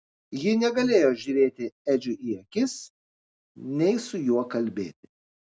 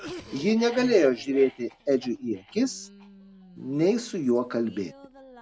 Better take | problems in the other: first | background sound (Cough); 19 dB below the speech

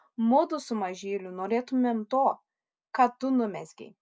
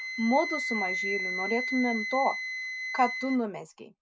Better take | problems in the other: first | background sound (Wind instrument, woodwind instrument); 4 dB below the speech

